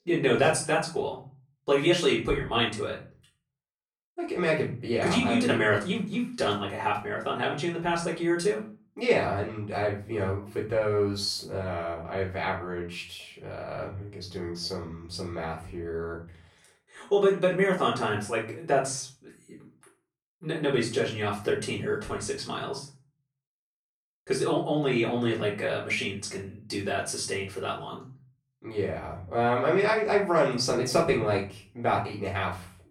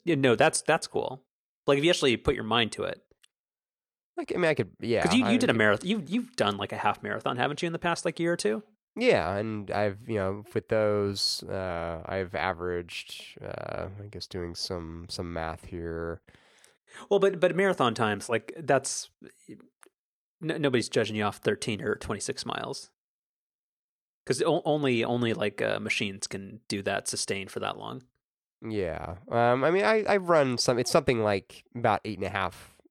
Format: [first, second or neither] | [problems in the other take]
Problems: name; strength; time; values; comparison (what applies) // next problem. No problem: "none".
second | off-mic speech; far // room echo; slight; dies away in 0.4 s